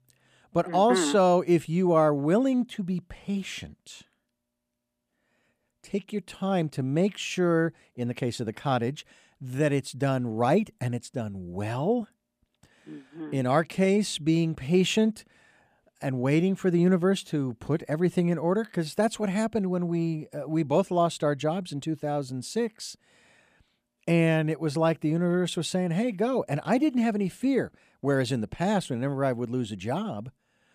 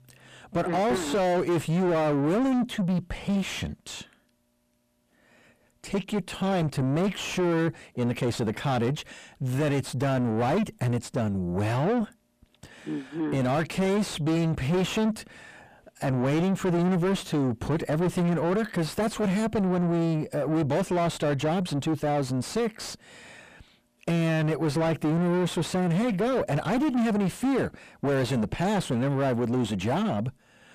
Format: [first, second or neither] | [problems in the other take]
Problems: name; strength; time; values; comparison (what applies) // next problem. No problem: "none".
first | distortion; heavy; 5 dB below the speech